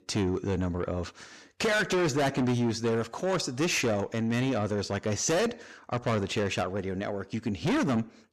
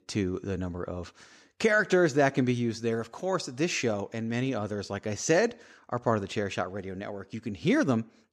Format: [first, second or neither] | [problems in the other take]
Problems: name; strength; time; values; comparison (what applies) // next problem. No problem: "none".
second | distortion; heavy; 6 dB below the speech